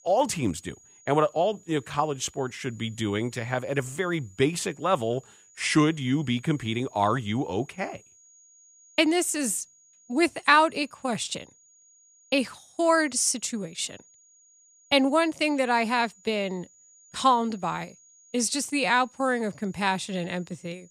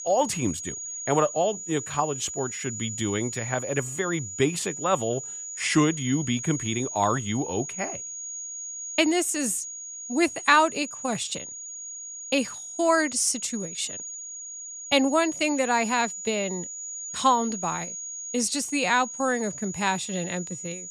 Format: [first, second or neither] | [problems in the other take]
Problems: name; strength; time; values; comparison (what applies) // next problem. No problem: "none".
first | high-pitched whine; loud; throughout; 6.5 kHz, 8 dB below the speech; faint in the first